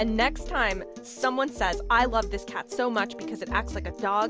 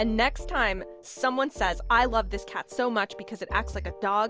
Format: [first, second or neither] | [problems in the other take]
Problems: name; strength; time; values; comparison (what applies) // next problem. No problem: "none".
second | background sound (Acoustic guitar); 12 dB below the speech